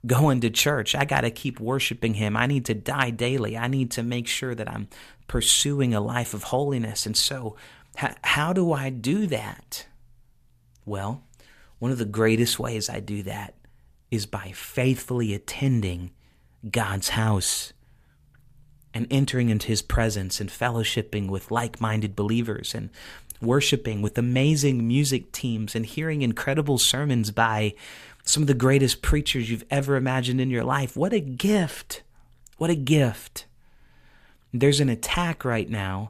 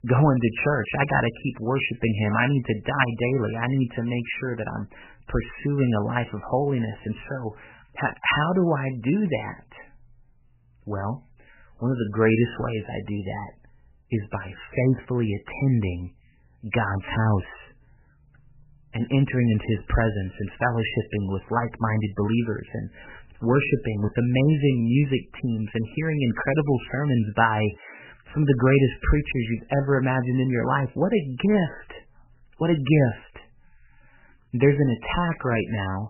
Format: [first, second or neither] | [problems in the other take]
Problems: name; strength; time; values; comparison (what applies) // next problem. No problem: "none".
first | garbled, watery; badly; nothing above 3 kHz